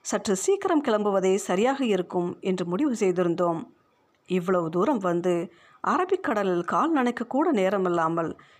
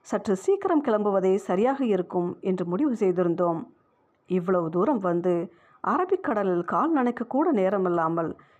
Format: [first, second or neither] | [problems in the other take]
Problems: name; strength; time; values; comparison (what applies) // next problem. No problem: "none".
first | muffled; slightly; fading above 2 kHz